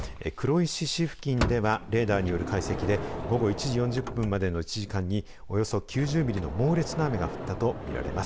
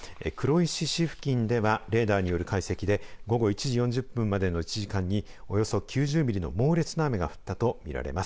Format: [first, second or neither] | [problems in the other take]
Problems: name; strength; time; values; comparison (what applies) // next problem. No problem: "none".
second | background sound (Sliding door / Motor vehicle (road)); 9 dB below the speech